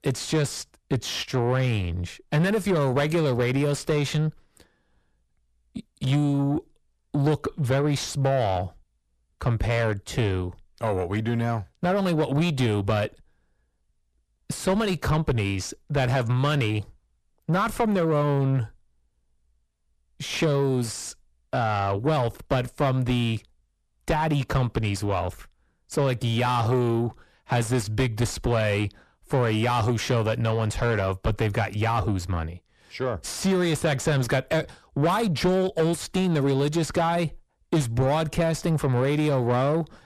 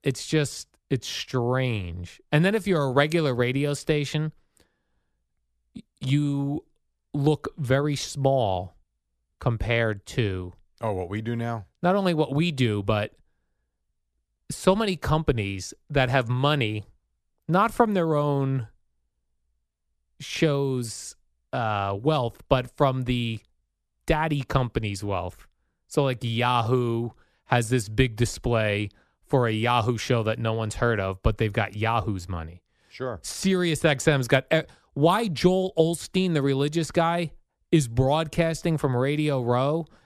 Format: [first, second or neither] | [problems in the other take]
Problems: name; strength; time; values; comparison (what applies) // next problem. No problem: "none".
second | distortion; heavy; 7 dB below the speech